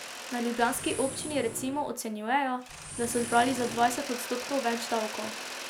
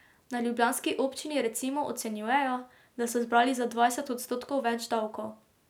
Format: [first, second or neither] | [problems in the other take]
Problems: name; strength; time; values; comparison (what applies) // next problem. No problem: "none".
second | background sound (Mechanisms + Engine); 9 dB below the speech